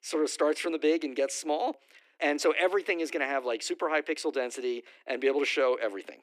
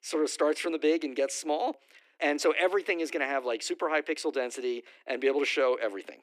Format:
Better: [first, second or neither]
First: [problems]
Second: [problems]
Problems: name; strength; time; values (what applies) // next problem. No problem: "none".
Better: neither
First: thin; somewhat; fading below 300 Hz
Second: thin; somewhat; fading below 300 Hz